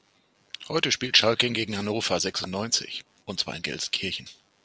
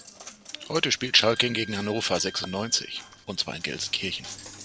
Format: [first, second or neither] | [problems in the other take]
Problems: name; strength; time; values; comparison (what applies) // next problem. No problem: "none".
first | background sound (Coin (dropping) + Bowed string instrument); 16 dB below the speech